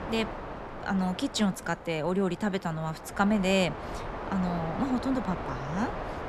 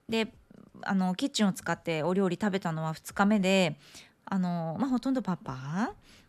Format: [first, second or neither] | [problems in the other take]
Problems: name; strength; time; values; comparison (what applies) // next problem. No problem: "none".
second | wind noise on the microphone; heavy; 6 dB below the speech